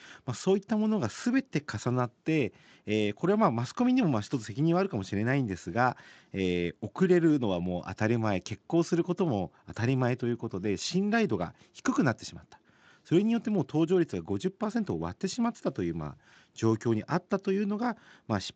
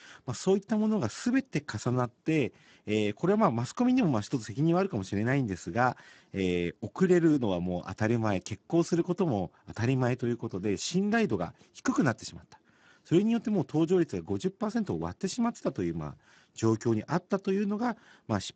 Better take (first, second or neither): first